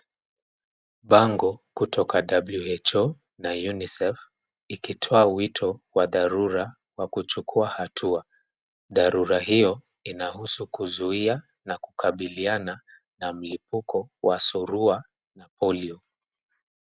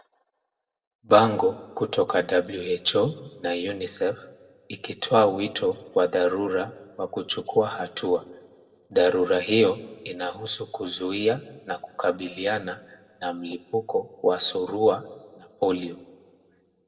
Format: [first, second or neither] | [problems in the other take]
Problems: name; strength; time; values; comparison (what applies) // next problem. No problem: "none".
first | room echo; dies away in 0.9 s